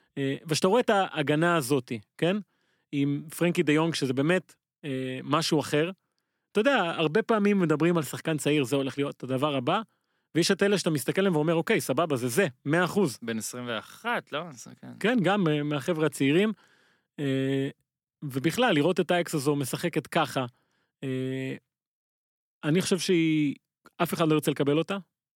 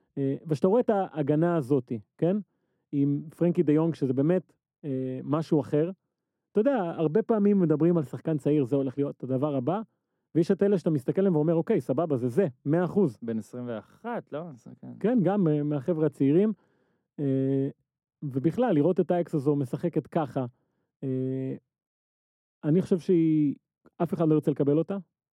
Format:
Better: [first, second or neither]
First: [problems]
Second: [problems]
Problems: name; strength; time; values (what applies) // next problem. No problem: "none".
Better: first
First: none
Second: muffled; very; fading above 1 kHz